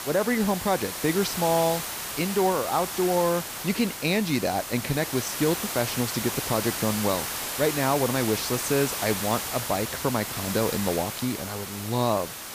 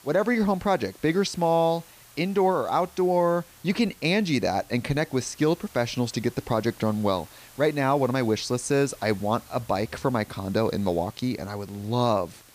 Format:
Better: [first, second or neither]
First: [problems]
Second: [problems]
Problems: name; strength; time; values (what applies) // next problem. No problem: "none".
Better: second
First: hiss; loud; throughout; 4 dB below the speech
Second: hiss; faint; throughout; 25 dB below the speech